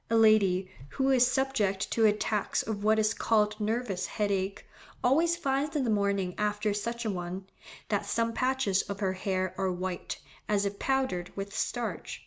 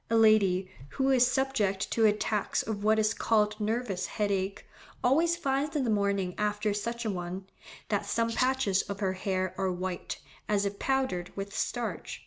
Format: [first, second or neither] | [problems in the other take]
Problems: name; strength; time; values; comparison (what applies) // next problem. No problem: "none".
first | background sound (Rattle (instrument)); 9 dB below the speech